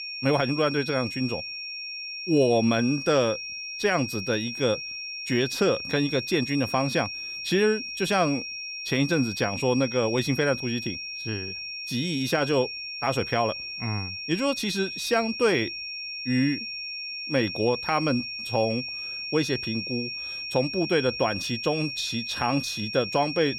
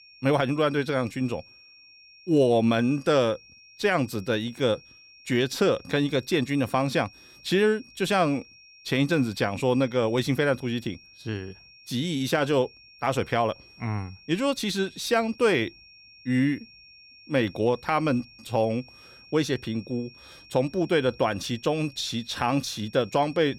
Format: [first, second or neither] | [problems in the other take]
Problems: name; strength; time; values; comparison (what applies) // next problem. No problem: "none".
second | high-pitched whine; loud; throughout; 2.5 kHz, 6 dB below the speech; faint in the second